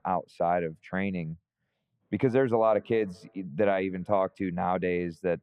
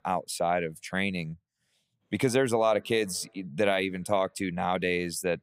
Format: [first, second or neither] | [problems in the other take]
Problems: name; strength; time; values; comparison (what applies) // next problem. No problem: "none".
second | muffled; very; fading above 4 kHz